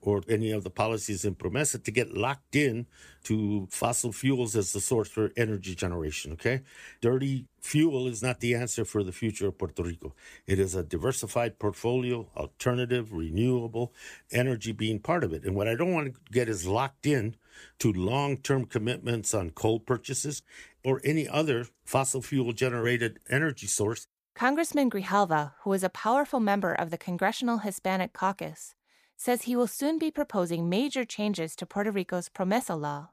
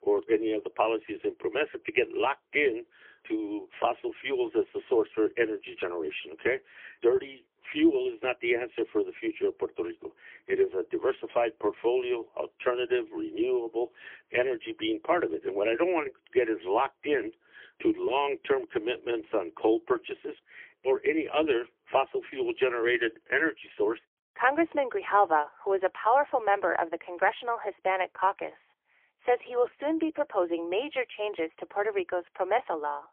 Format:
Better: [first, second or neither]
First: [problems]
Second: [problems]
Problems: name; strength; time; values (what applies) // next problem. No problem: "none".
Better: first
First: none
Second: phone-call audio; poor line; nothing above 3.5 kHz